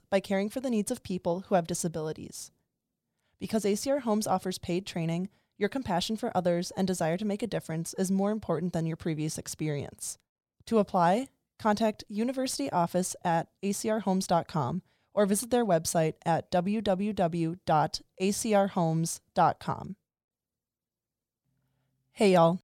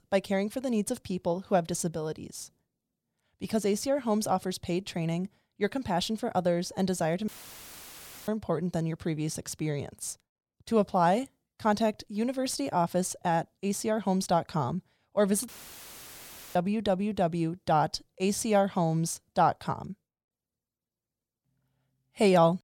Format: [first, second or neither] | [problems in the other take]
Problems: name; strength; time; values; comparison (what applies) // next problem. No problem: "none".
first | audio cutting out; filled with static; at 7.5 s for 1 s and at 15 s for 1 s